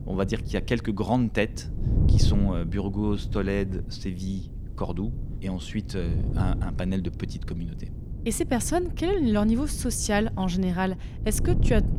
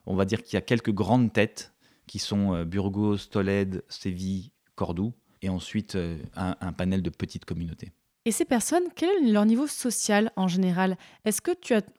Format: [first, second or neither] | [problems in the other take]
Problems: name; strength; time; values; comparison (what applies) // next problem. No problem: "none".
second | wind noise on the microphone; occasional gusts; 15 dB below the speech